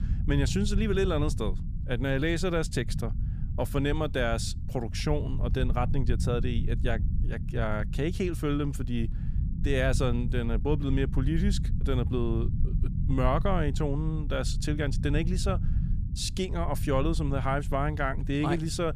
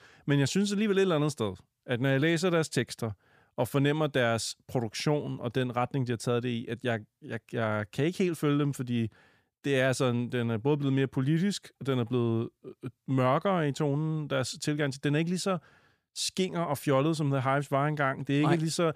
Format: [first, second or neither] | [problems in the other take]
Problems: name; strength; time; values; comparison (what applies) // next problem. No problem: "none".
second | low rumble; noticeable; throughout; 15 dB below the speech